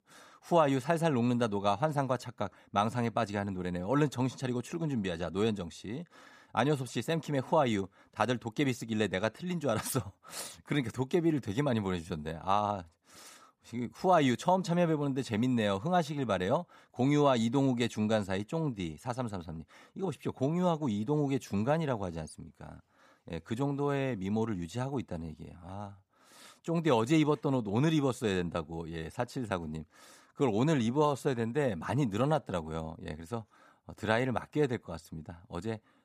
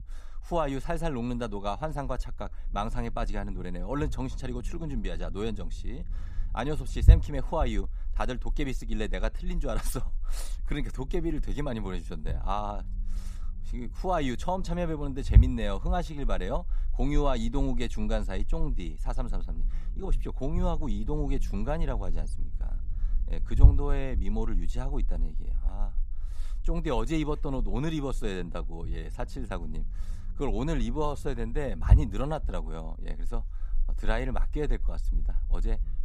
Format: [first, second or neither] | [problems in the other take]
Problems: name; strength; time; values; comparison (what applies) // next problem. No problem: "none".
first | low rumble; noticeable; throughout; 15 dB below the speech